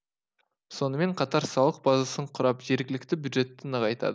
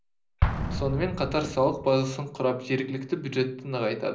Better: first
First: none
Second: background sound (Explosion); 6 dB below the speech // room echo; dies away in 0.5 s

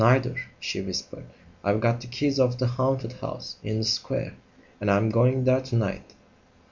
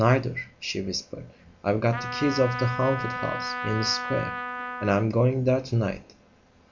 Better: first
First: none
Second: background sound (Trumpet); 7 dB below the speech

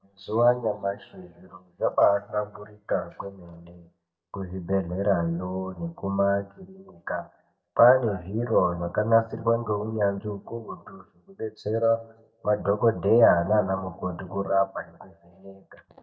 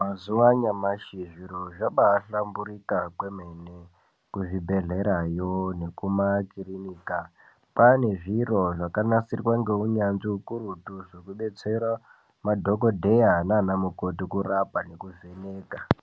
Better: second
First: noise reduction (neural mask model DeepFilterNet 3)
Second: none

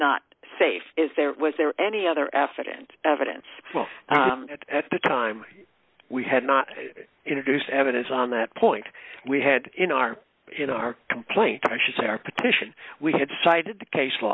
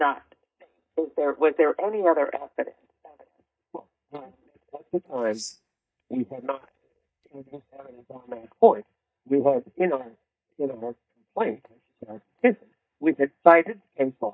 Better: first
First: none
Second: noise reduction (neural mask model DeepFilterNet 3)

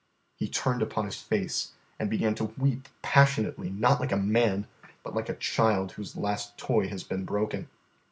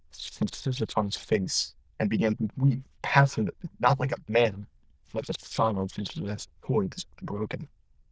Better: first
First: none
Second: noise reduction (neural diffusion model UNIVERSE++)

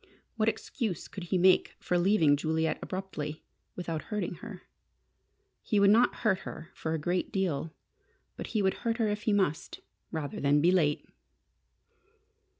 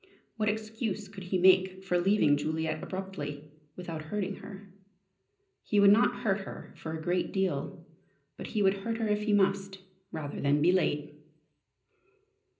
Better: first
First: none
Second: room echo; dies away in 0.5 s

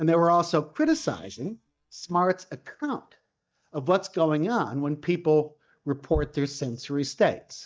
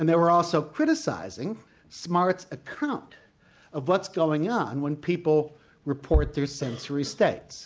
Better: second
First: noise reduction (neural mask model DeepFilterNet 3)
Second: none

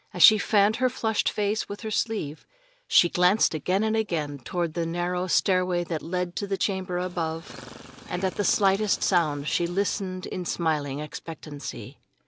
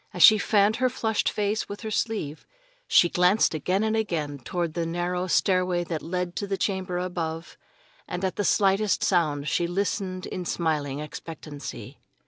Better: second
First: background sound (Chirp, tweet); 17 dB below the speech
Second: none

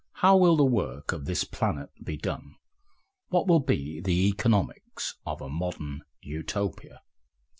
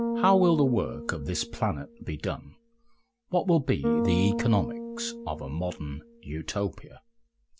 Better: first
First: none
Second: background sound (Bass guitar); 6 dB below the speech

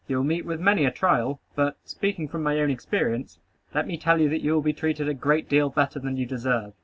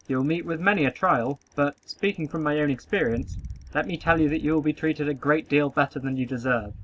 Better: first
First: none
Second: background sound (Bicycle); 18 dB below the speech

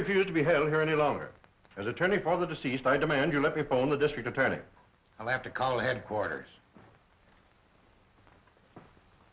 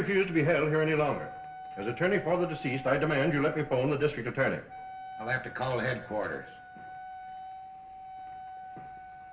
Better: first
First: none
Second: background sound (Wind instrument, woodwind instrument); 14 dB below the speech // room echo; dies away in 1.1 s

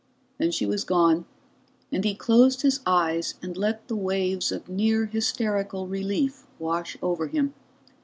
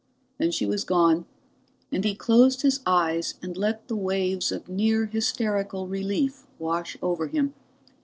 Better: first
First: none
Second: noise reduction (neural separator model SepFormer DNS4)

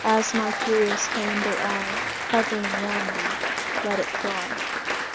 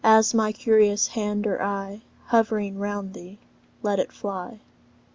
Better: second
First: background sound (Applause); as loud as the speech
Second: none

